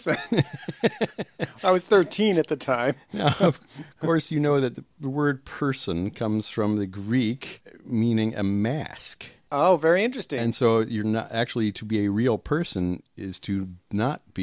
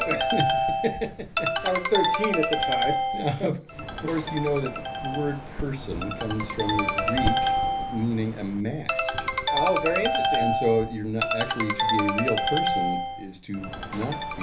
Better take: first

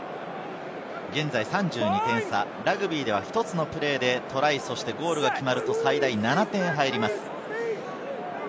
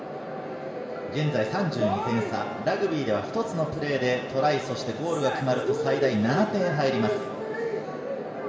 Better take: first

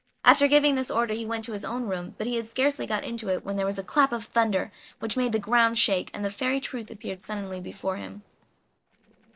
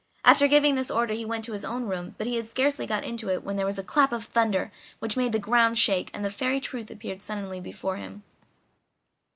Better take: second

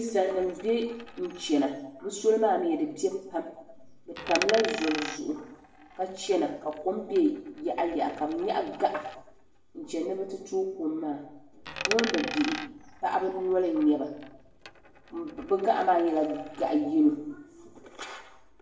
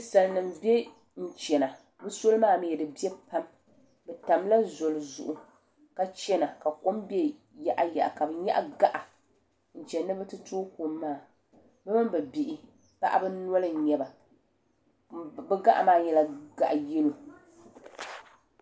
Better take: second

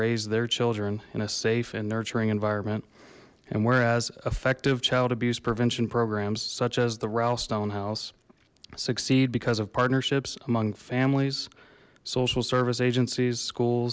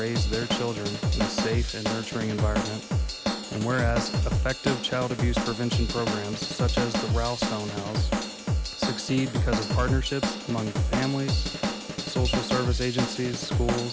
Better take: first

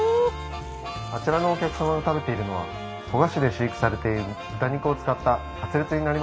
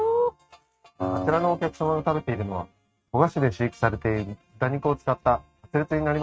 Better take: first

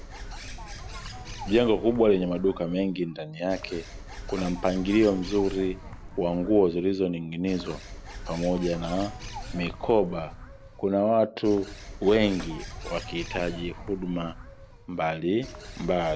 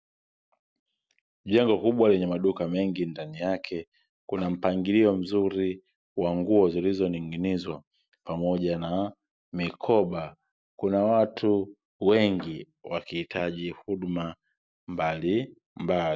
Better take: second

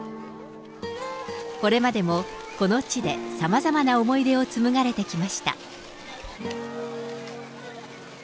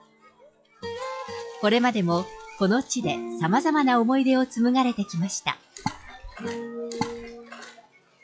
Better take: first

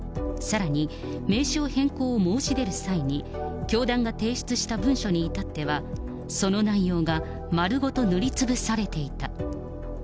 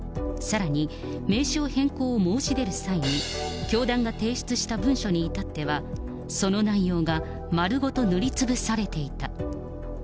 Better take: first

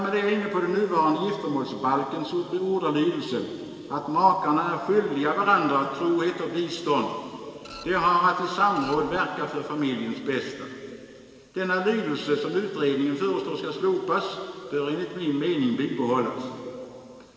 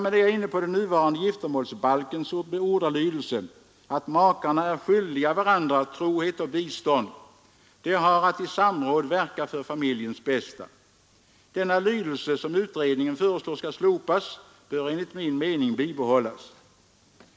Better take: second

